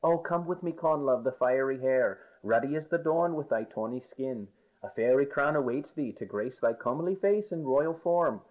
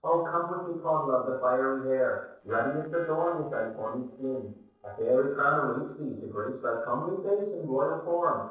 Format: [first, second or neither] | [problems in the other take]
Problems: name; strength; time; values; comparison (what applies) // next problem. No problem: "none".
first | noise reduction (neural separator model SepFormer DNS4)